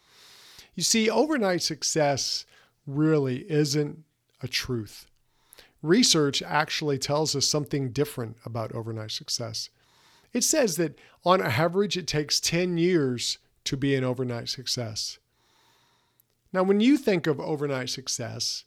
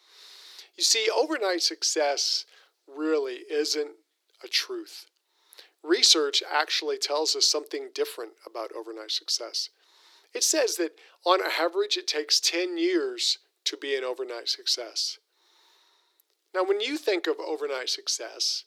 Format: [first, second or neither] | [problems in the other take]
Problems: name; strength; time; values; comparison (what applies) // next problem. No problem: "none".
first | thin; very; fading below 300 Hz